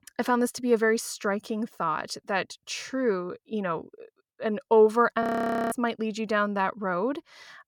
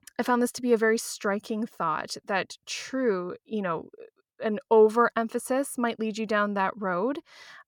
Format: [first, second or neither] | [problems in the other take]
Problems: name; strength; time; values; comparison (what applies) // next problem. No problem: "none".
second | audio freezing; at 5 s